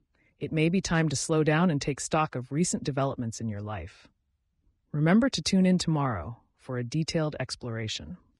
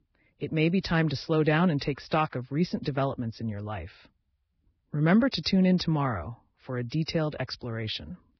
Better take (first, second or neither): first